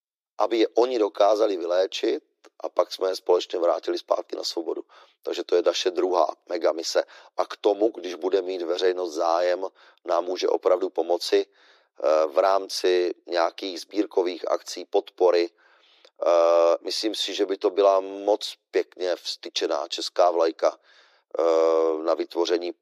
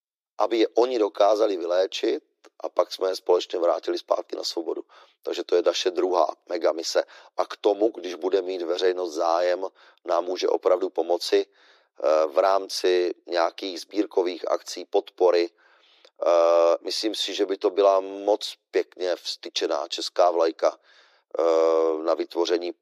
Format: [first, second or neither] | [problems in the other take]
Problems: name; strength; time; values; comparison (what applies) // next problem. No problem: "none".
neither | thin; very; fading below 300 Hz; the same in both